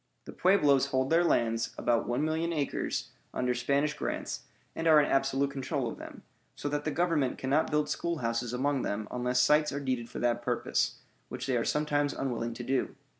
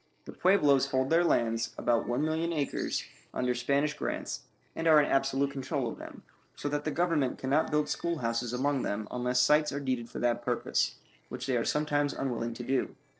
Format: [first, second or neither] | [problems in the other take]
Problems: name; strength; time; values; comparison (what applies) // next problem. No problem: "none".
first | noise reduction (neural separator model SepFormer DNS4)